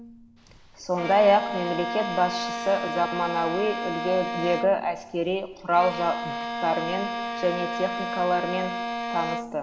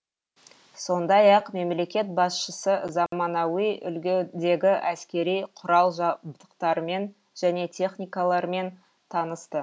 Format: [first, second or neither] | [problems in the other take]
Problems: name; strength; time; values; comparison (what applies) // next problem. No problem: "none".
second | background sound (Bowed string instrument); 5 dB below the speech // room echo; dies away in 1.3 s